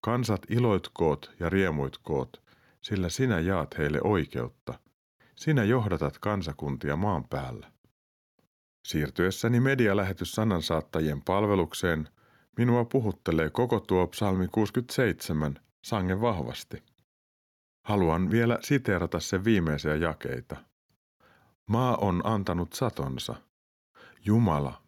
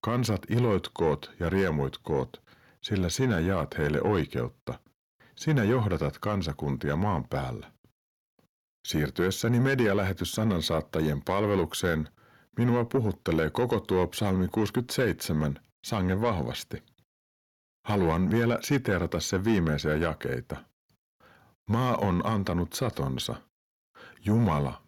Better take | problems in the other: first | distortion; slight; 10 dB below the speech

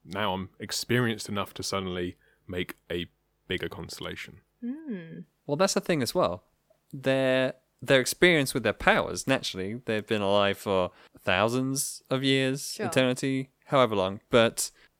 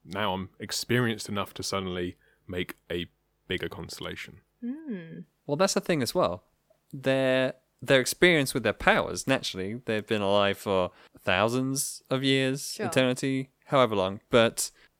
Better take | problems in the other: neither | none

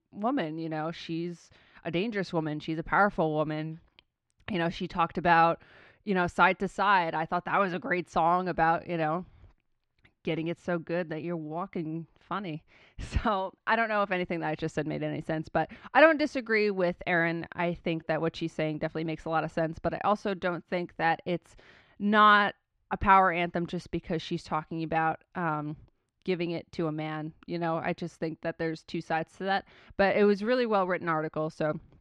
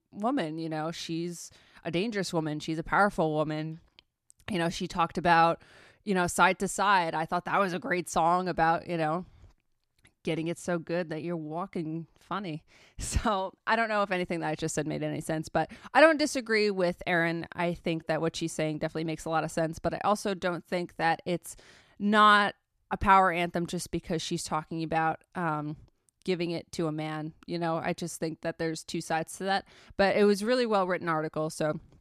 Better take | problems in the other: second | muffled; slightly; fading above 3 kHz

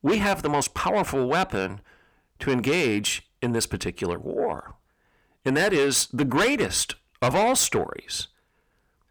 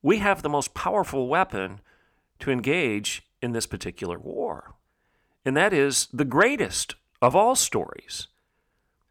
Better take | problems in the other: second | distortion; heavy; 7 dB below the speech

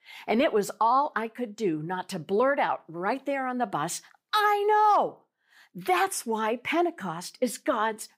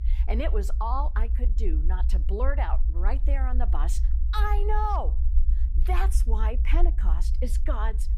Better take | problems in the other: first | low rumble; noticeable; throughout; 15 dB below the speech

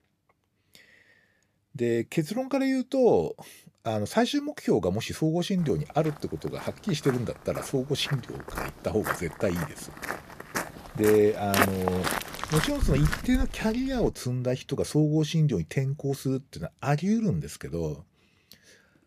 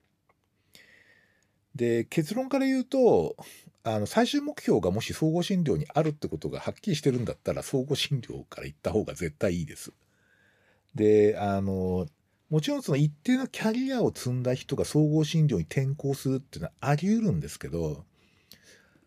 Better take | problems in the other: second | footsteps; loud; from 7 to 14 s; peak 2 dB above the speech

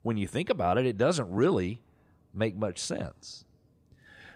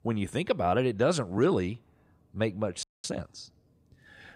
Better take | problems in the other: first | audio freezing; at 3 s

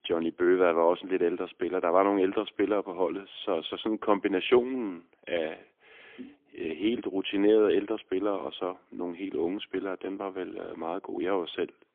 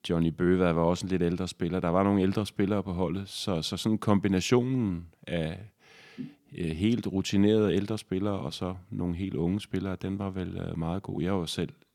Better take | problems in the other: second | phone-call audio; poor line; nothing above 3.5 kHz

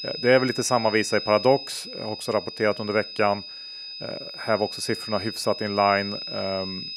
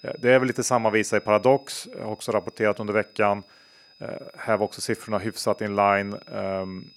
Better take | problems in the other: second | high-pitched whine; loud; throughout; 5 kHz, 9 dB below the speech; faint in the second

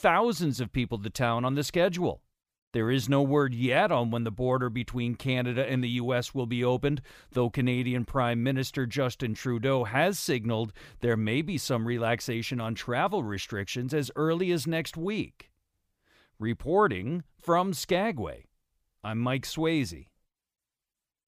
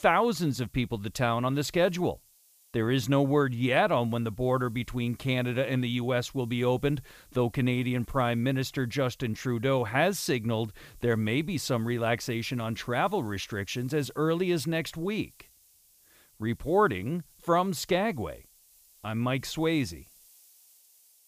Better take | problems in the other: first | hiss; faint; throughout; 30 dB below the speech

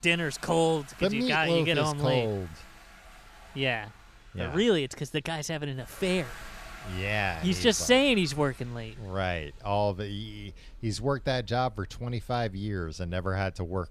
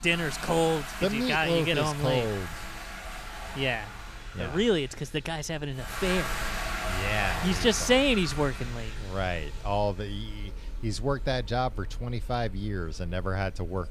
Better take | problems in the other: first | household noises; loud; throughout; 9 dB below the speech; faint in the first

